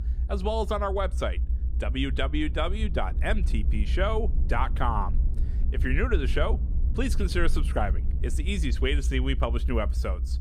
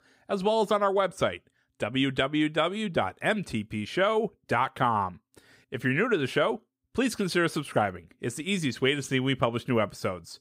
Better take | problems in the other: second | low rumble; noticeable; throughout; 15 dB below the speech

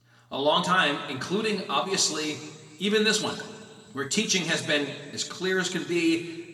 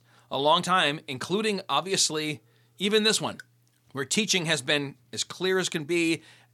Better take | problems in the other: second | room echo; slight; dies away in 1.6 s // off-mic speech; somewhat distant

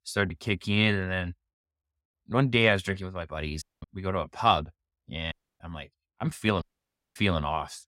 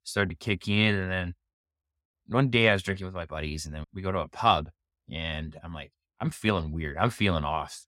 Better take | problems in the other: second | audio cutting out; at 3.5 s, at 5.5 s and at 6.5 s for 0.5 s

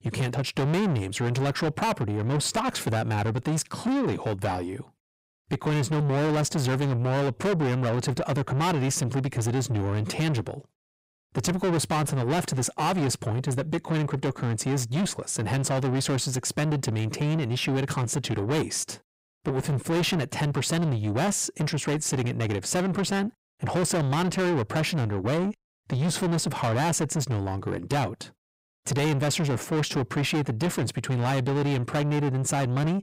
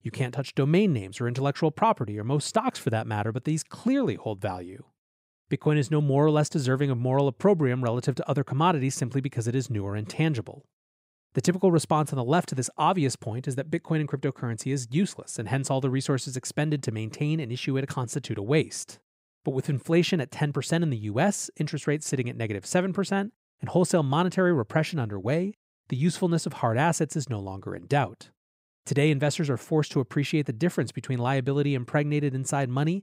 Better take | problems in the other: second | distortion; heavy; 6 dB below the speech

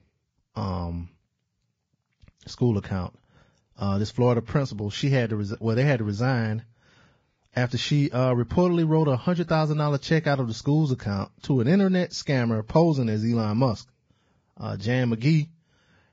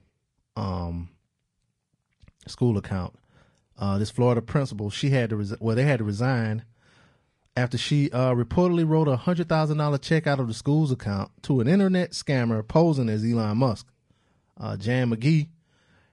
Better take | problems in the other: second | garbled, watery; badly; nothing above 17.5 kHz; slightly in the second

